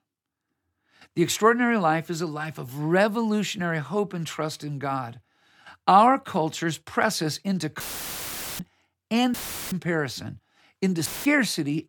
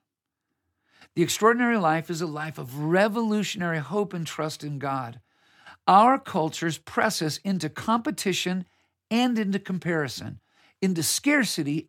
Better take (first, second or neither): second